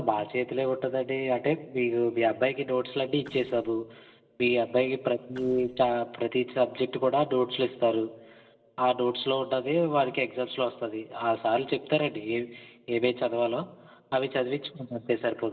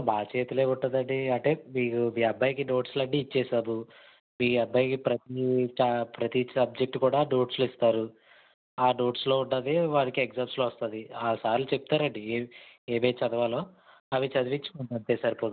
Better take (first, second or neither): second